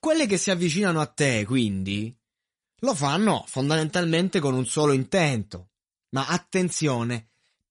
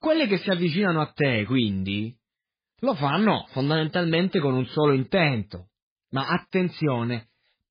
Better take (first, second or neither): first